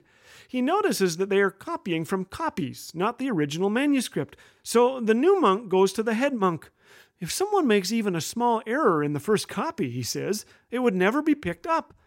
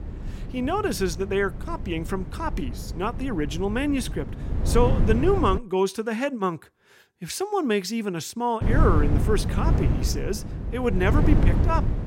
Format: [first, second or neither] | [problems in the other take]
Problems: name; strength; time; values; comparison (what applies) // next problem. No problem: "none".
first | wind noise on the microphone; heavy; until 5.5 s and from 8.5 s on; 9 dB below the speech